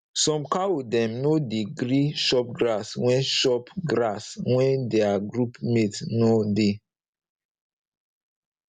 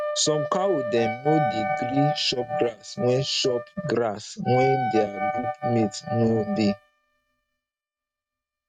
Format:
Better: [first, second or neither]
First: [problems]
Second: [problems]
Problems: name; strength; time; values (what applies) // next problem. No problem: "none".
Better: first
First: none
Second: noise reduction (neural mask model RNNoise)